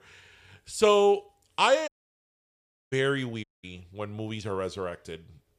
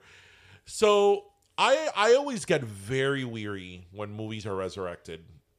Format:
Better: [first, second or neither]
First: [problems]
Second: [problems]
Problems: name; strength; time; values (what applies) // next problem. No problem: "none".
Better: second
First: audio cutting out; at 2 s for 1 s and at 3.5 s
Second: none